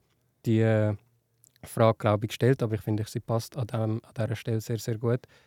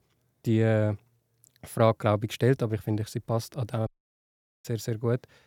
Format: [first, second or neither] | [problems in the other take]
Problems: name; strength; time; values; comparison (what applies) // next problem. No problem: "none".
first | audio cutting out; at 4 s for 1 s